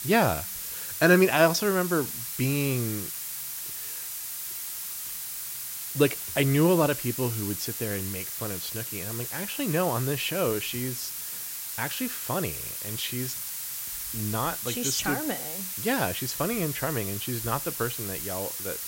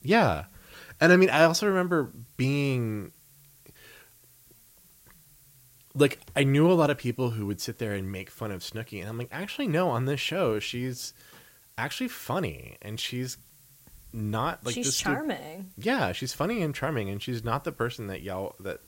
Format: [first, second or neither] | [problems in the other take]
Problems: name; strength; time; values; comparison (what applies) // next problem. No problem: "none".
second | hiss; loud; throughout; 4 dB below the speech; faint in the second